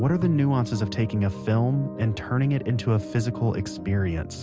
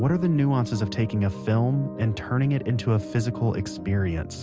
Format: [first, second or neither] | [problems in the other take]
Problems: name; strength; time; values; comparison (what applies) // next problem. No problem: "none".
second | background sound (Tabla); 17 dB below the speech